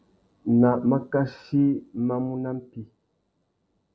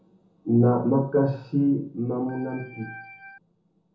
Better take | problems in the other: first | background sound (Organ); 18 dB below the speech // room echo; dies away in 0.7 s

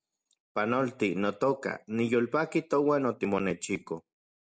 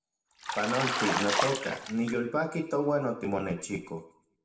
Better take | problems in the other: first | background sound (Bathtub (filling or washing)); 2 dB below the speech // room echo; dies away in 0.5 s

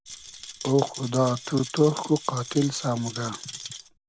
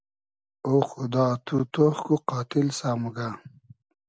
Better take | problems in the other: second | background sound (Rattle); 13 dB below the speech

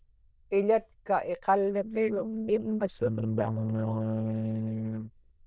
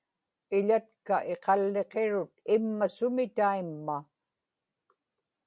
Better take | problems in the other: second | noise reduction (neural diffusion model UNIVERSE++)

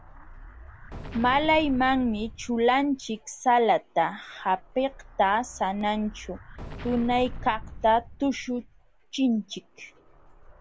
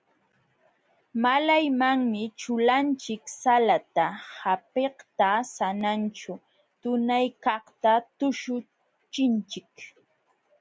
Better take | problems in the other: second | background sound (Explosion); 15 dB below the speech

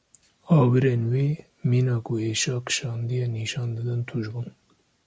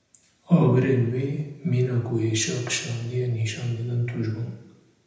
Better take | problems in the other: first | room echo; dies away in 0.8 s

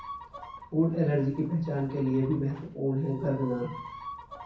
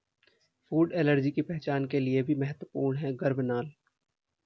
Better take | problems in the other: second | background sound (Chicken, rooster); 15 dB below the speech // room echo; dies away in 0.6 s

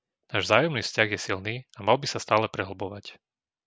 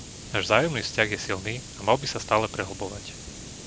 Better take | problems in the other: first | background sound (Hiss); 13 dB below the speech

